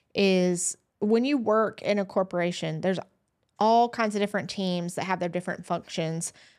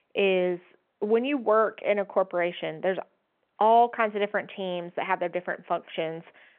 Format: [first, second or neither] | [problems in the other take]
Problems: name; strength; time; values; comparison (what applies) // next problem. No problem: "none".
first | phone-call audio